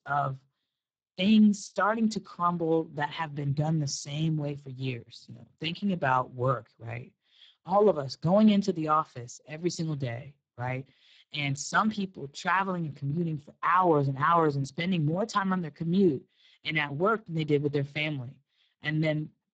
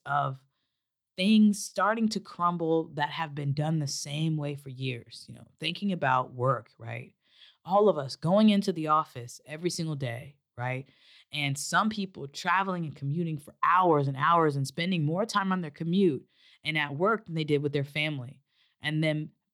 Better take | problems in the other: second | garbled, watery; badly; nothing above 7.5 kHz

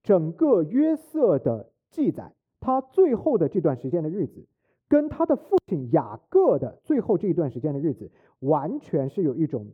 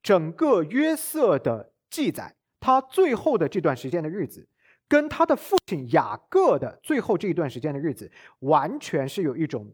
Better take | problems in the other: second | muffled; very; fading above 1 kHz

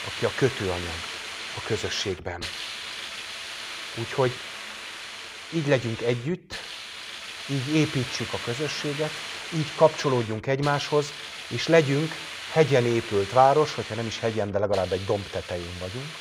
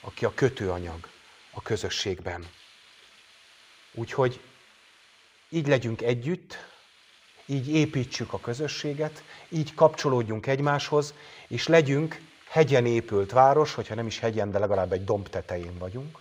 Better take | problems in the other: second | hiss; loud; throughout; 9 dB below the speech; faint in the second

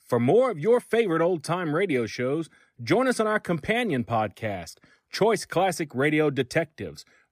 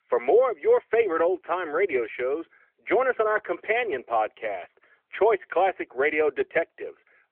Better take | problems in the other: first | phone-call audio; nothing above 3 kHz

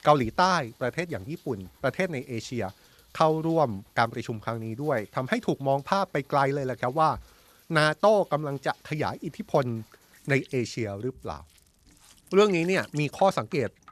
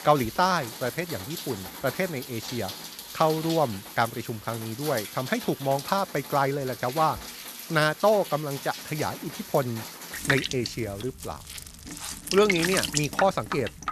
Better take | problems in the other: first | rain or running water; loud; throughout; 7 dB below the speech; faint in the first

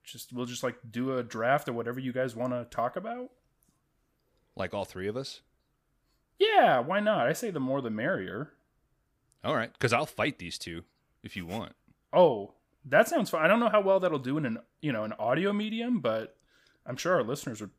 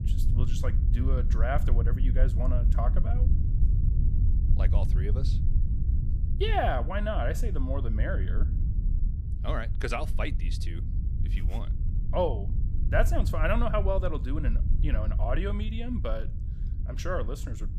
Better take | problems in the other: first | low rumble; noticeable; throughout; 10 dB below the speech

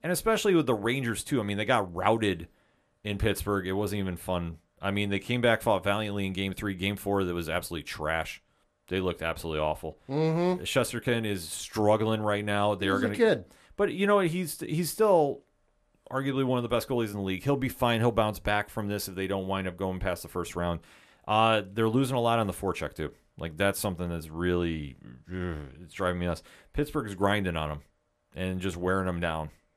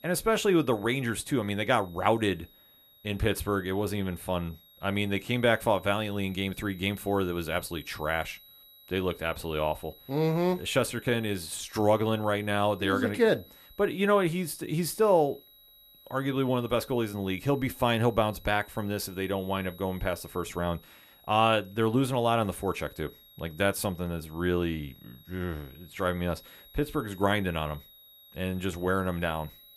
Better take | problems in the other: first | high-pitched whine; faint; throughout; 4 kHz, 25 dB below the speech

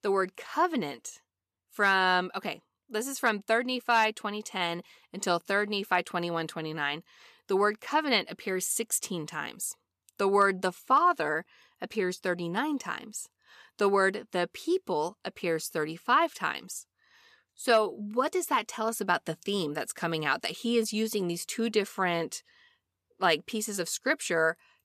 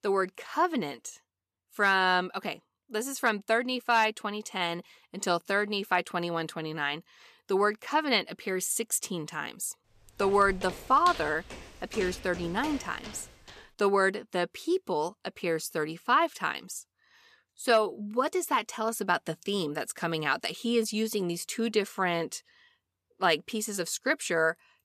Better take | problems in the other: first | footsteps; noticeable; from 10 to 14 s; peak 9 dB below the speech

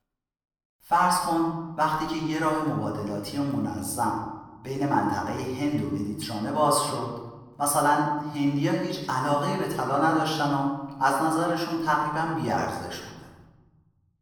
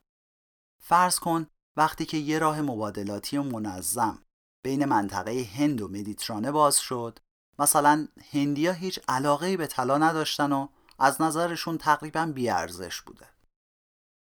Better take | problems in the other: second | off-mic speech; far // room echo; noticeable; dies away in 1.2 s

